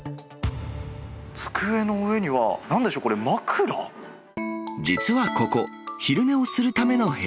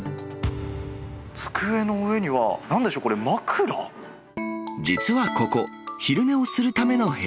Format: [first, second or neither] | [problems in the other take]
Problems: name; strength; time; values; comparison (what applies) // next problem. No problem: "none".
first | background sound (Guitar); 19 dB below the speech